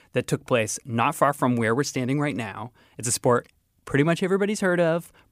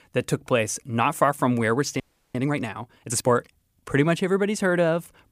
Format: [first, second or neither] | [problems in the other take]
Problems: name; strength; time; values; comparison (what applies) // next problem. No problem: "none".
first | audio freezing; at 2 s